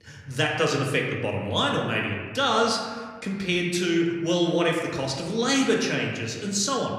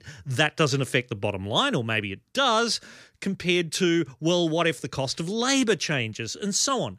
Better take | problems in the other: second | room echo; slight; dies away in 1.4 s // off-mic speech; somewhat distant

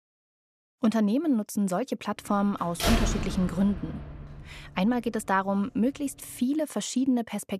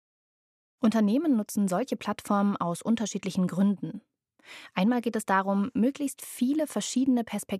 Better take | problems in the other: second | door banging; loud; from 3 to 4 s; peak 1 dB above the speech

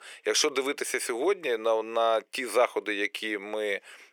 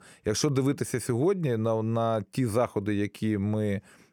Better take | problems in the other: second | thin; very; fading below 400 Hz

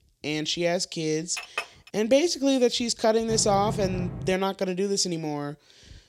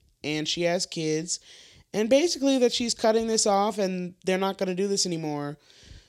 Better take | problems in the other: second | clattering dishes; noticeable; at 1.5 s; peak 7 dB below the speech // door banging; noticeable; from 3.5 to 4.5 s; peak 7 dB below the speech

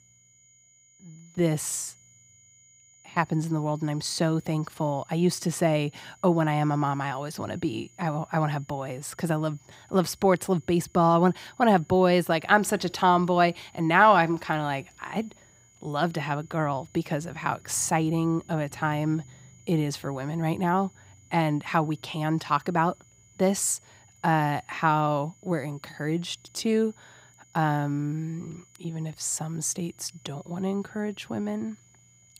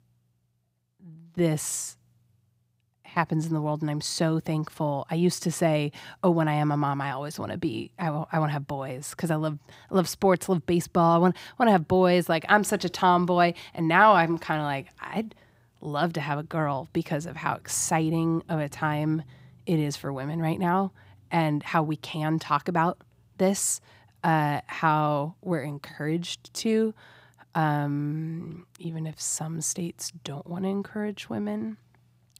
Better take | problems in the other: second | high-pitched whine; faint; throughout; 7 kHz, 30 dB below the speech

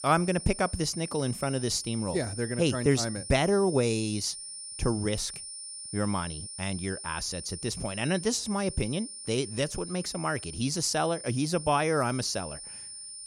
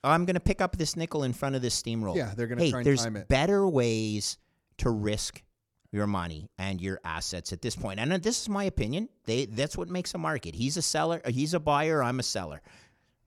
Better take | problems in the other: second | high-pitched whine; loud; throughout; 9.5 kHz, 9 dB below the speech

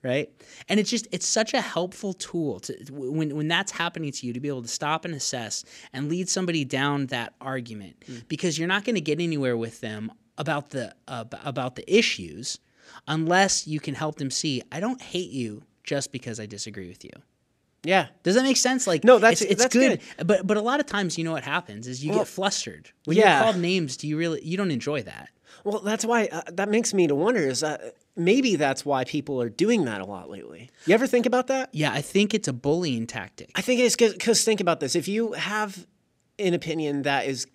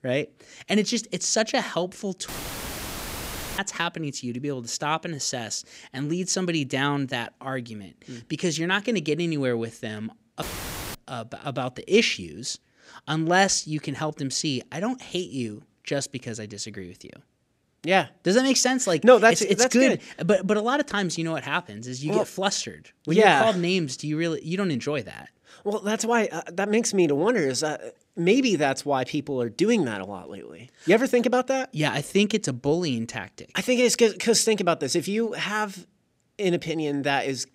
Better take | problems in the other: first | audio cutting out; filled with static; at 2.5 s for 1.5 s and at 10 s for 0.5 s

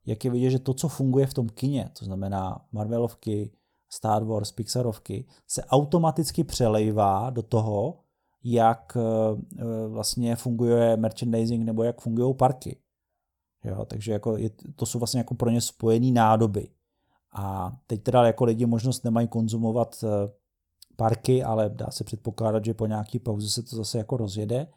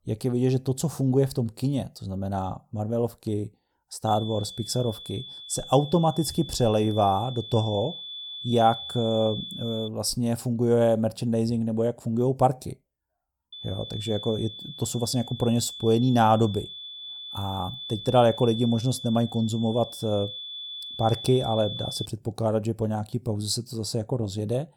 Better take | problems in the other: first | high-pitched whine; noticeable; from 4 to 10 s and from 14 to 22 s; 3.5 kHz, 10 dB below the speech

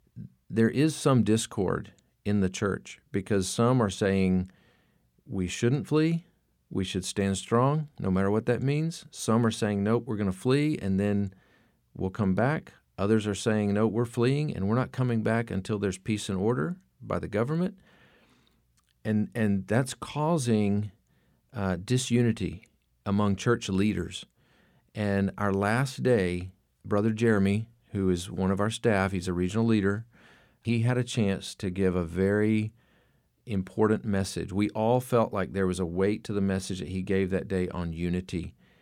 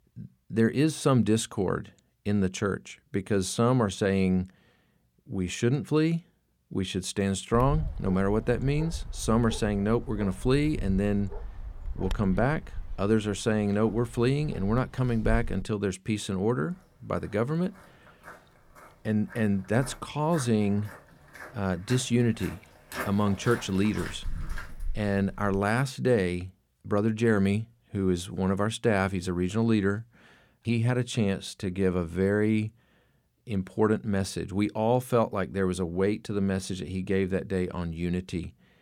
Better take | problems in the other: first | dog barking; noticeable; from 7.5 to 16 s; peak 7 dB below the speech // footsteps; noticeable; from 18 to 26 s; peak 8 dB below the speech

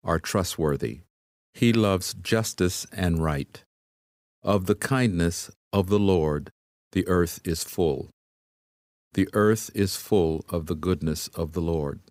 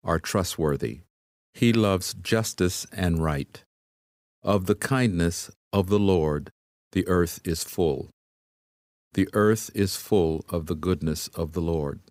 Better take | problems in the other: neither | none

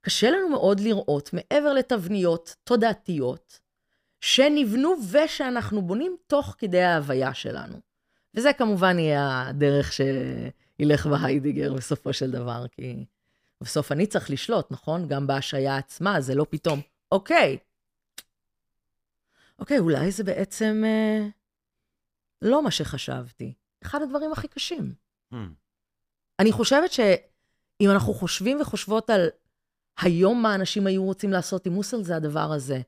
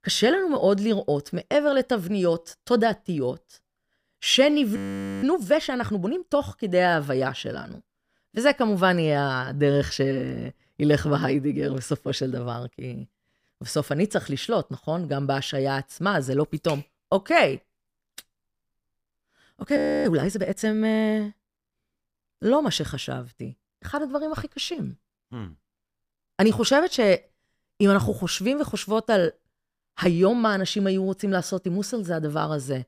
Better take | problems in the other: first | audio freezing; at 5 s and at 20 s

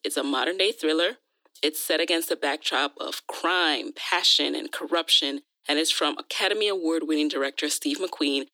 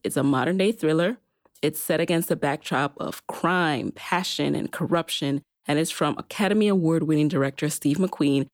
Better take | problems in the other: second | thin; somewhat; fading below 300 Hz

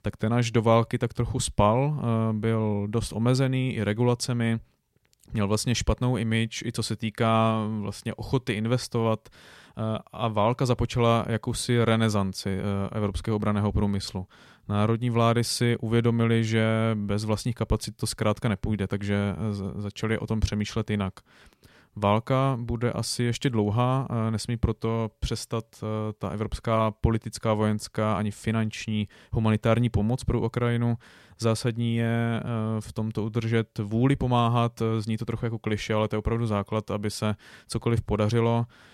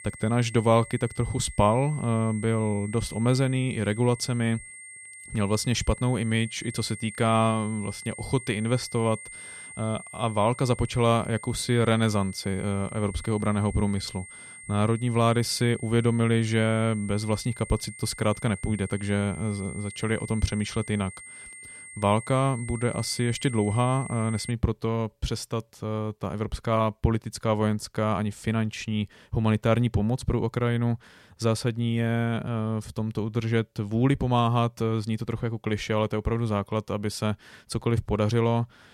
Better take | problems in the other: first | high-pitched whine; noticeable; until 25 s; 2 kHz, 15 dB below the speech

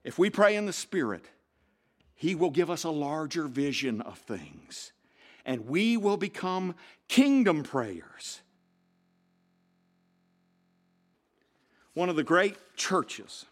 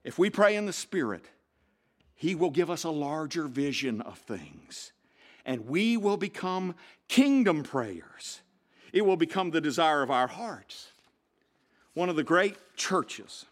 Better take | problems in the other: second | audio freezing; at 8.5 s for 2.5 s

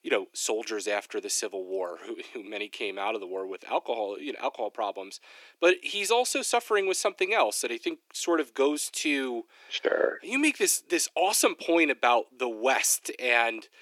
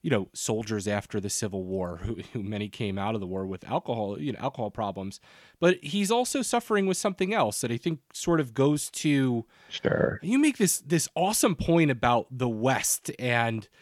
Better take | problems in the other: second | thin; somewhat; fading below 300 Hz

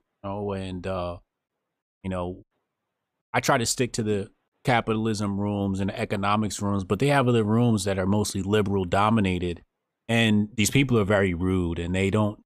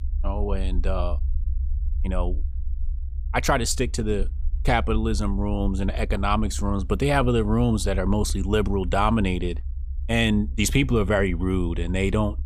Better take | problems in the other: first | low rumble; faint; throughout; 25 dB below the speech

